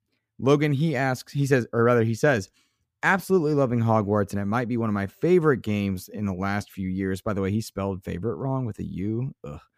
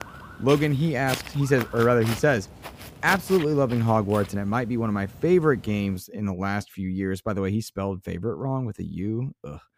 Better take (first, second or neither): first